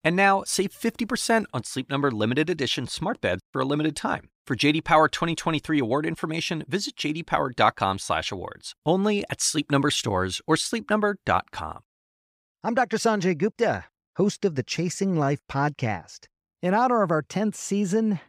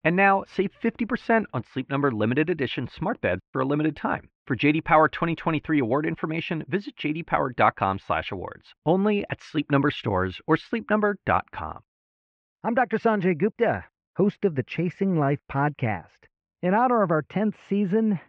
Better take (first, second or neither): first